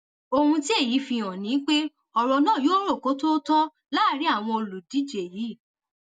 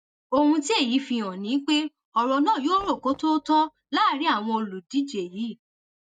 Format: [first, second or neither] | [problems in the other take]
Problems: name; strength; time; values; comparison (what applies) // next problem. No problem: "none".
first | noise reduction (neural mask model DeepFilterNet 3)